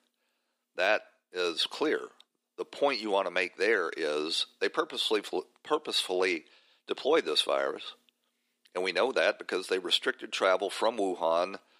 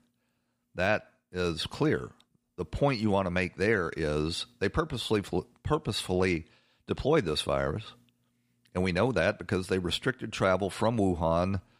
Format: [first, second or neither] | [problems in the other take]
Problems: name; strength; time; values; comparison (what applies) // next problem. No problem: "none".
second | thin; somewhat; fading below 350 Hz